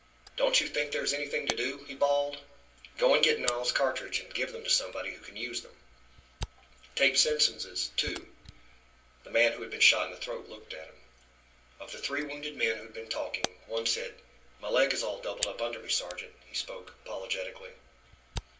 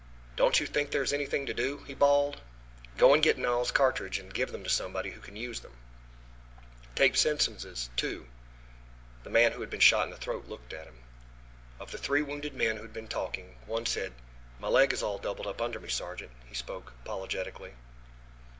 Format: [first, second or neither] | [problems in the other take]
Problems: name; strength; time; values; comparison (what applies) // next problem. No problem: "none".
second | background sound (Camera); 14 dB below the speech // room echo; dies away in 0.3 s